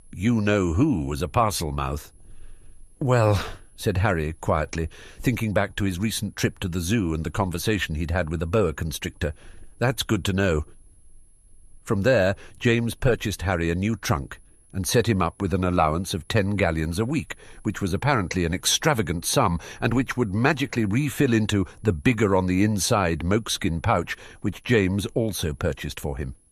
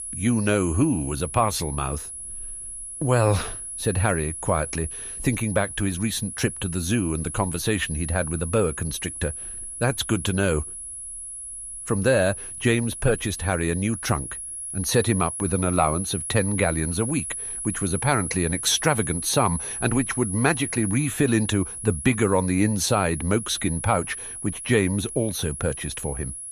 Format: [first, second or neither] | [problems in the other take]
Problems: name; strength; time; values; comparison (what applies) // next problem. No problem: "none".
first | high-pitched whine; loud; throughout; 10.5 kHz, 7 dB below the speech; faint in the first